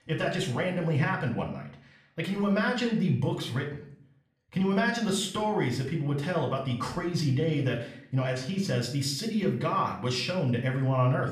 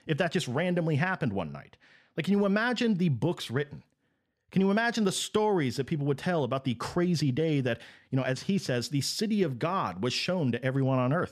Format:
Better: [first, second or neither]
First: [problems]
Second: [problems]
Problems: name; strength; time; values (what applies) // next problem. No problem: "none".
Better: second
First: room echo; slight; dies away in 0.5 s // off-mic speech; somewhat distant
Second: none